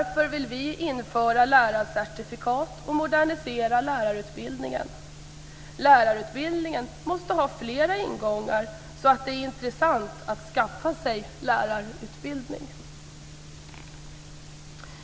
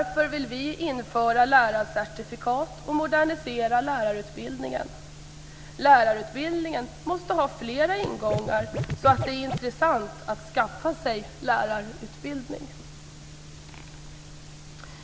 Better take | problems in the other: first | background sound (Scratching (performance technique)); 5 dB below the speech

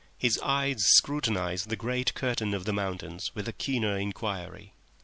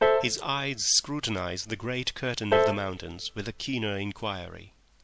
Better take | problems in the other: first | background sound (Piano); as loud as the speech

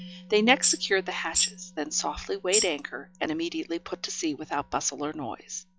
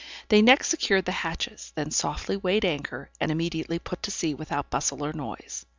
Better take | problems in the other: second | noise reduction (classical method log-MMSE)

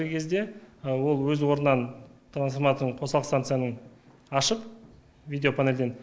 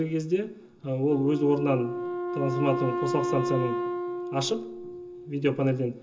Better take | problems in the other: first | background sound (Wind instrument, woodwind instrument); 4 dB below the speech // room echo; dies away in 0.2 s

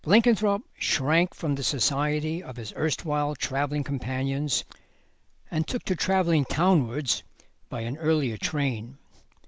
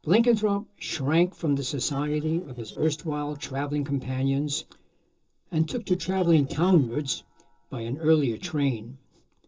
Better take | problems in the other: first | noise reduction (neural separator model SepFormer DNS4)

